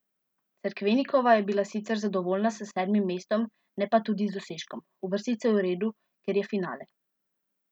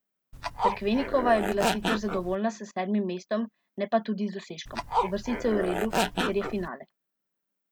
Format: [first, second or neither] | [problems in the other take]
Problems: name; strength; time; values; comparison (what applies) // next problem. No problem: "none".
first | background sound (Zipper (clothing)); as loud as the speech